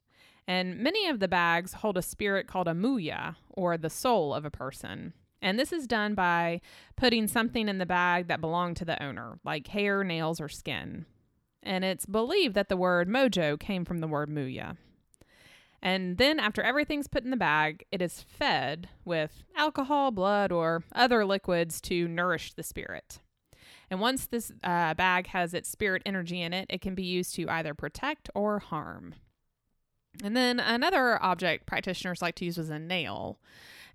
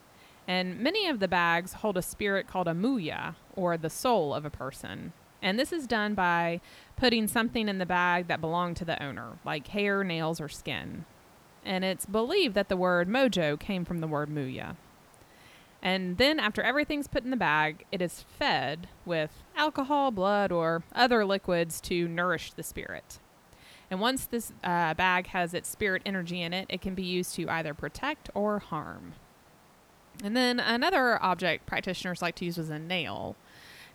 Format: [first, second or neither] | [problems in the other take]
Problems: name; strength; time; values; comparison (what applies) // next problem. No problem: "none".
first | hiss; faint; throughout; 30 dB below the speech